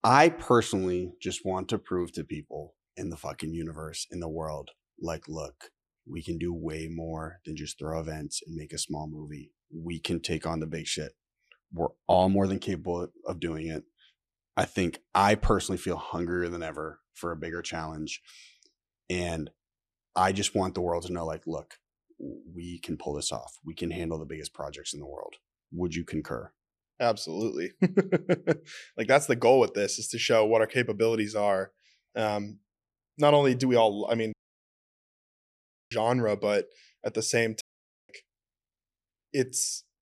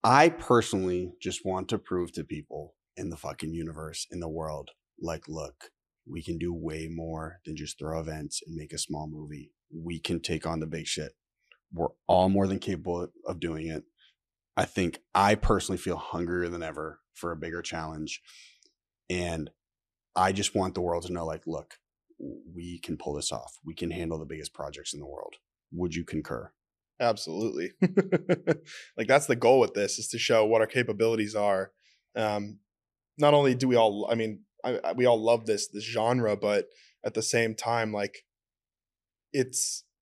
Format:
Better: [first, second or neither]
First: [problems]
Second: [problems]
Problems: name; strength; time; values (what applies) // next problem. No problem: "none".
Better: second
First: audio cutting out; at 34 s for 1.5 s and at 38 s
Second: none